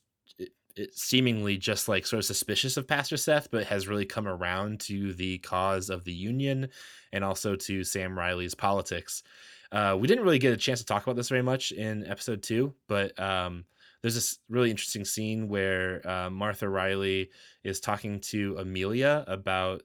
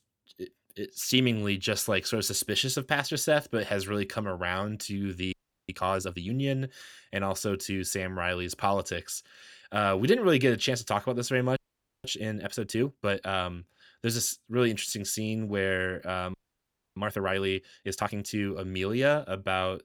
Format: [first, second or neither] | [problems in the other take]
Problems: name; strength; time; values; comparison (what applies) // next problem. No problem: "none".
first | audio freezing; at 5.5 s, at 12 s and at 16 s for 0.5 s